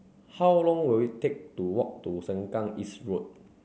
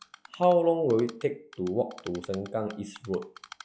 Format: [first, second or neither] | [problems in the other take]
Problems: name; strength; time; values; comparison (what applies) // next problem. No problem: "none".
first | noise reduction (classical method log-MMSE)